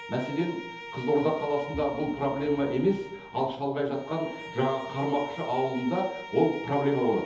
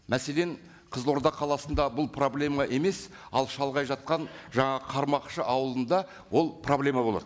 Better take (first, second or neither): second